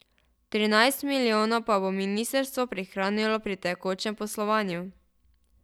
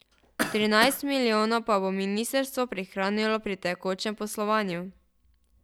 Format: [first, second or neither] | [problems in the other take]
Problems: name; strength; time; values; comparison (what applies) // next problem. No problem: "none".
first | background sound (Cough); 8 dB below the speech